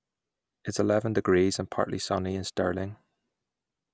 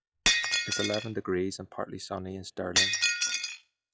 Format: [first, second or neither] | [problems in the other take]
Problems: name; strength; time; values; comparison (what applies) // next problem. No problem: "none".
first | noise reduction (classical method log-MMSE)